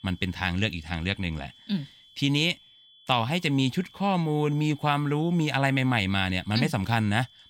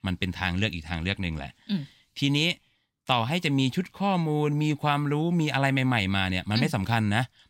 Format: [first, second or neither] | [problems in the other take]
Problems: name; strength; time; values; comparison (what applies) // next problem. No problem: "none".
second | high-pitched whine; faint; throughout; 3.5 kHz, 25 dB below the speech